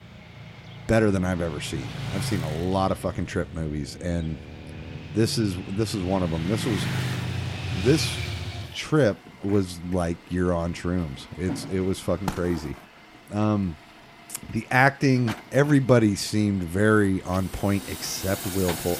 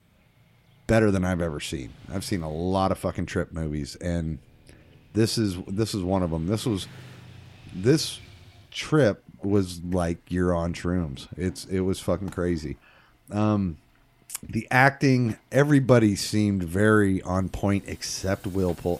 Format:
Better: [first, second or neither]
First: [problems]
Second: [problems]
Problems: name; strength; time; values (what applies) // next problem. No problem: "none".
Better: second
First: traffic noise; loud; throughout; 9 dB below the speech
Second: traffic noise; faint; throughout; 25 dB below the speech